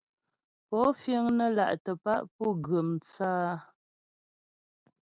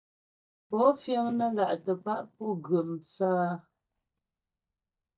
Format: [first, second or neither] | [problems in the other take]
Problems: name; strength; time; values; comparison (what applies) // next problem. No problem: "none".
first | noise reduction (neural mask model DeepFilterNet 3)